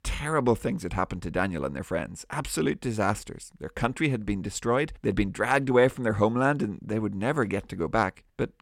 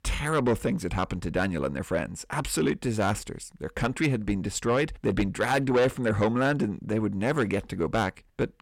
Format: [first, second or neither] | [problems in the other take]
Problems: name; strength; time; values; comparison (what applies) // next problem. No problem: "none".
first | distortion; slight; 10 dB below the speech